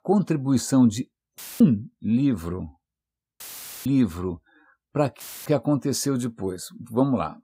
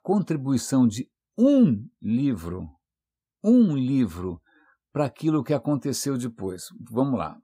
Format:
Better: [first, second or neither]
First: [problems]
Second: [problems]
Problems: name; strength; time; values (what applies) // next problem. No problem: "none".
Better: second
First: audio cutting out; filled with static; at 1.5 s, at 3.5 s and at 5 s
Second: none